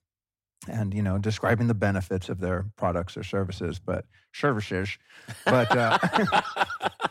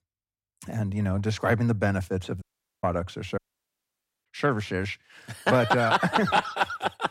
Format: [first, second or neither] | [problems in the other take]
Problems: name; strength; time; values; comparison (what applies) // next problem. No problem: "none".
first | audio cutting out; at 2.5 s and at 3.5 s for 1 s